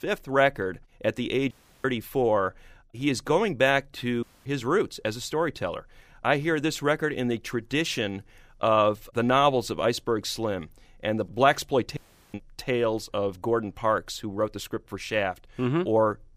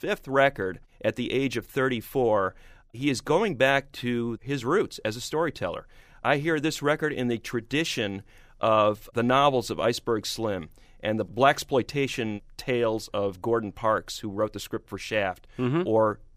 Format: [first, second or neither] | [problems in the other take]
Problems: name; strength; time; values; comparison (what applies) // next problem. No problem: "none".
second | audio cutting out; at 1.5 s, at 4 s and at 12 s